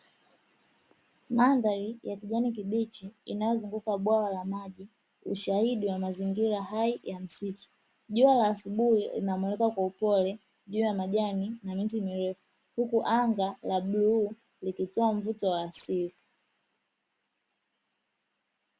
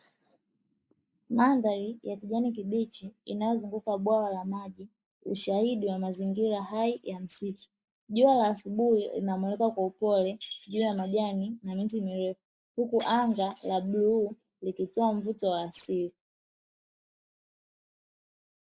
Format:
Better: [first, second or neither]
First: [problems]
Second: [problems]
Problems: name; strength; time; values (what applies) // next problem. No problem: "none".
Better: first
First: none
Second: noise reduction (neural mask model Resemble Enhance denoiser)